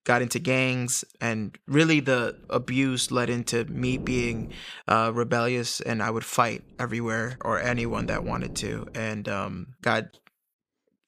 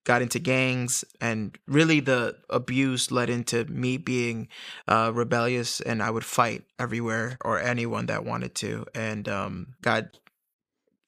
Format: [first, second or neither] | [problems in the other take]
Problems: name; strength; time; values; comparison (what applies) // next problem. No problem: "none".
second | wind noise on the microphone; occasional gusts; from 2 to 4.5 s and from 6.5 to 9 s; 20 dB below the speech